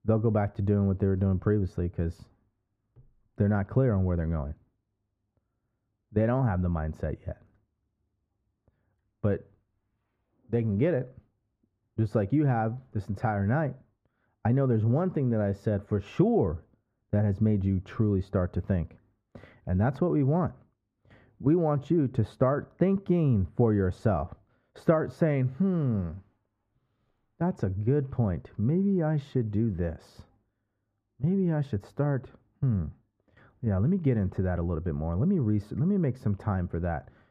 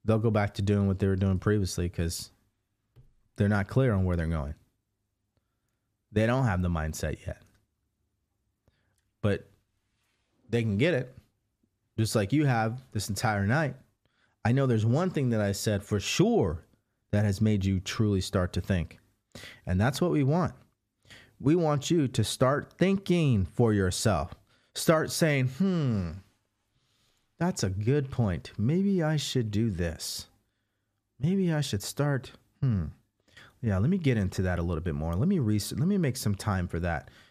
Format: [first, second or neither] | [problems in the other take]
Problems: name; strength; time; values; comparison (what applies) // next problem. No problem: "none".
second | muffled; very; fading above 2.5 kHz